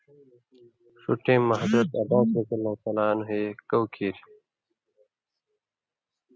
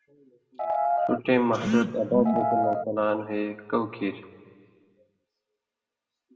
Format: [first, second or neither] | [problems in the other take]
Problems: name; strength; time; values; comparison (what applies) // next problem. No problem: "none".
first | background sound (Piano); 3 dB above the speech // room echo; dies away in 1.2 s